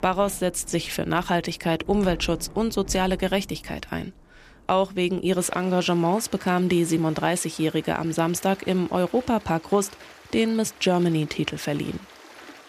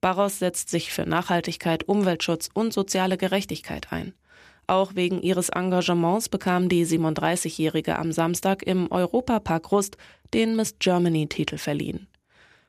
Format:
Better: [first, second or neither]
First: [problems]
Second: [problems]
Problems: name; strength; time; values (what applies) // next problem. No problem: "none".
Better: second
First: rain or running water; faint; throughout; 20 dB below the speech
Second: none